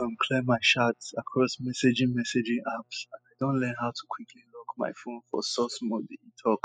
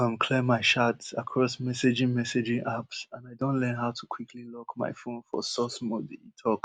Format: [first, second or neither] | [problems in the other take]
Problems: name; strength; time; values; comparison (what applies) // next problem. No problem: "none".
second | noise reduction (classical method spectral subtraction)